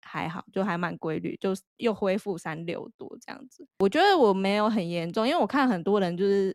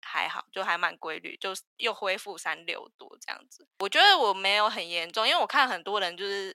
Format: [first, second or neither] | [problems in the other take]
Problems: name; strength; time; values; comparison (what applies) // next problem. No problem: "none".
first | thin; very; fading below 950 Hz